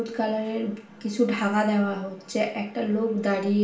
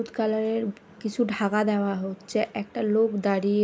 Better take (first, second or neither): second